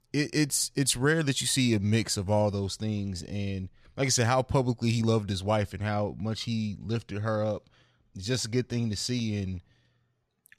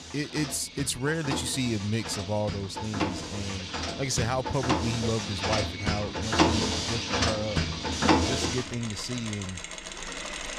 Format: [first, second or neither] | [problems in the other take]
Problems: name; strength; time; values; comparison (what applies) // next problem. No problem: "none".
first | machinery noise; very loud; throughout; 2 dB above the speech